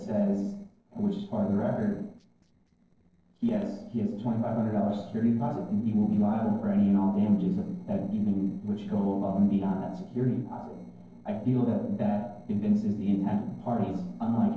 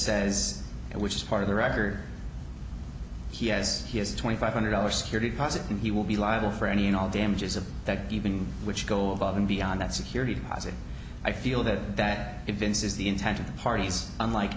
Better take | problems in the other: second | noise reduction (neural separator model SepFormer DNS4)

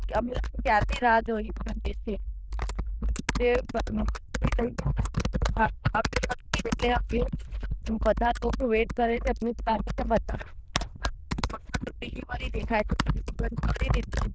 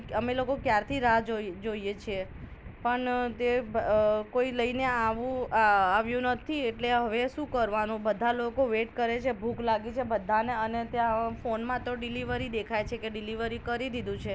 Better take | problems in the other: second | noise reduction (neural diffusion model UNIVERSE++)

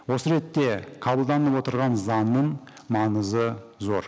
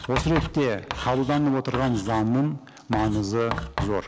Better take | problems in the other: first | background sound (Writing); 9 dB below the speech

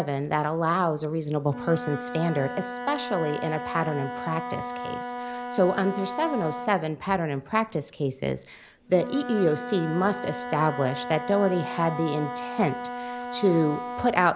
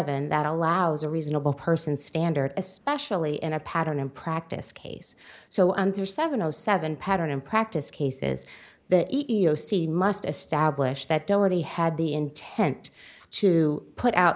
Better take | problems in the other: second | background sound (Wind instrument, woodwind instrument); 9 dB below the speech

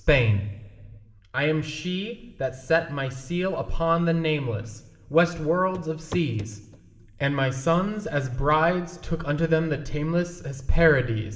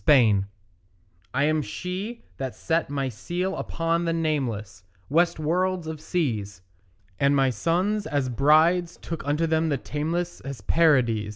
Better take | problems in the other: second | background sound (Walk, footsteps / Run / Wood); 15 dB below the speech // room echo; dies away in 1 s

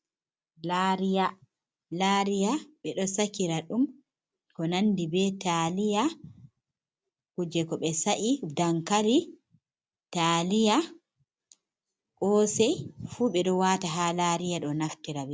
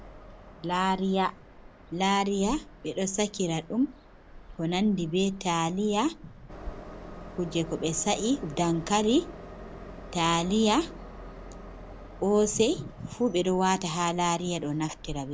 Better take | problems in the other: first | background sound (Train); 16 dB below the speech

